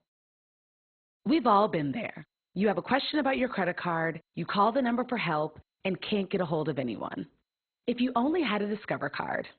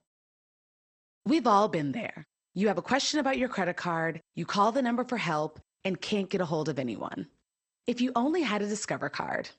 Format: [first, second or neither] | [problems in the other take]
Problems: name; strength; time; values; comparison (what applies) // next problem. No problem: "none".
second | garbled, watery; badly; nothing above 4 kHz; slightly in the second